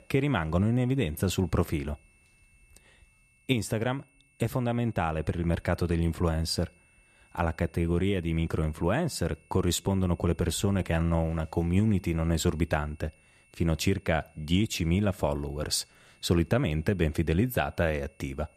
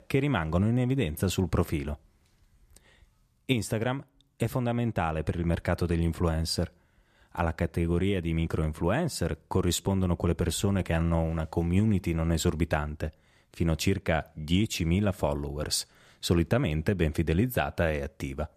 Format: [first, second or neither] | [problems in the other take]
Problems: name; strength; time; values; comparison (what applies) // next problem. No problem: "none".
second | high-pitched whine; faint; throughout; 2.5 kHz, 35 dB below the speech